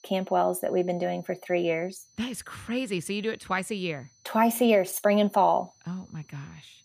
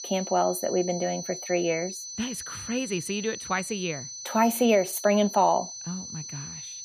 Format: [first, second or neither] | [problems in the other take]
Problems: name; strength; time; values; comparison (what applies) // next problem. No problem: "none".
first | high-pitched whine; loud; throughout; 6 kHz, 9 dB below the speech; faint in the first